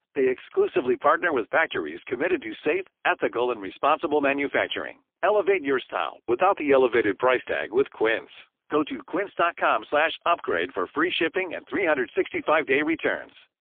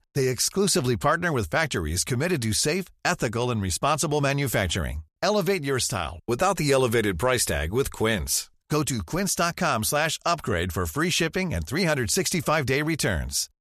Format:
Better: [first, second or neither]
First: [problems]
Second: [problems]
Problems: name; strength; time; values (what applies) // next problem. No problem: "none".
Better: second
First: phone-call audio; poor line; nothing above 3.5 kHz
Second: none